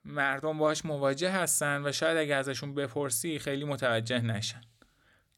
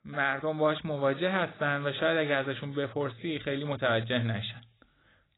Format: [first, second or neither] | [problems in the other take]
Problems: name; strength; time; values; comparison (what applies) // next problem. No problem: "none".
first | garbled, watery; badly; nothing above 4 kHz